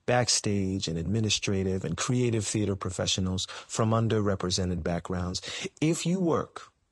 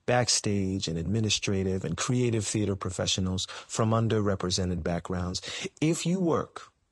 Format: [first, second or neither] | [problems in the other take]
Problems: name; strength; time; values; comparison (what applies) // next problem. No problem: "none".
neither | garbled, watery; slightly; nothing above 11 kHz; the same in both